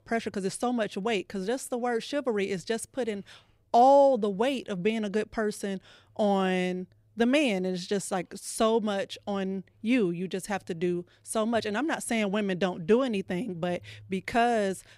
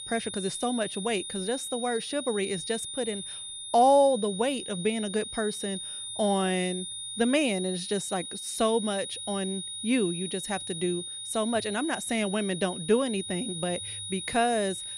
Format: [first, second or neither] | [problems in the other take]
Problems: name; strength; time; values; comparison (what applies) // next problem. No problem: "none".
first | high-pitched whine; loud; throughout; 3.5 kHz, 6 dB below the speech